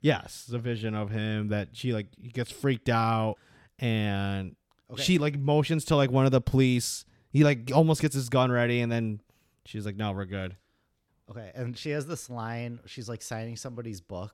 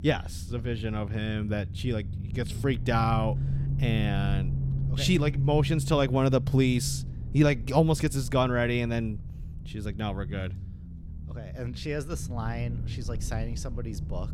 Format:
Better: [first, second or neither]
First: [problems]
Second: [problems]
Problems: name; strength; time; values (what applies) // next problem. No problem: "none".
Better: first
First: none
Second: low rumble; noticeable; throughout; 15 dB below the speech